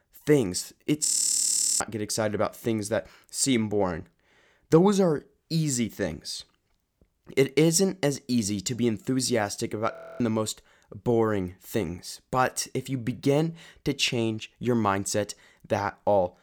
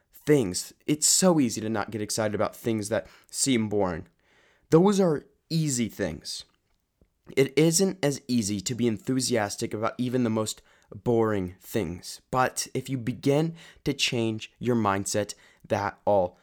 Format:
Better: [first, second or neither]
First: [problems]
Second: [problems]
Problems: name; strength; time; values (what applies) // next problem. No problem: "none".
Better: second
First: audio freezing; at 1 s for 1 s and at 10 s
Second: none